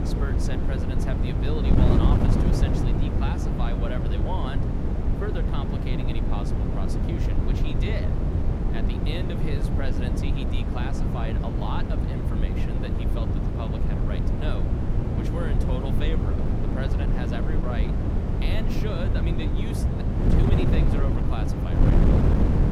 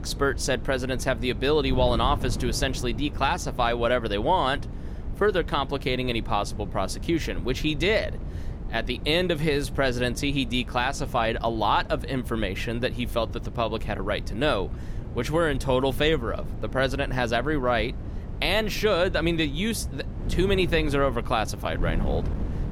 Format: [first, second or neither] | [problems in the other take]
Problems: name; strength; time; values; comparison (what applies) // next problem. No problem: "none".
second | wind noise on the microphone; heavy; 3 dB above the speech; occasional gusts in the second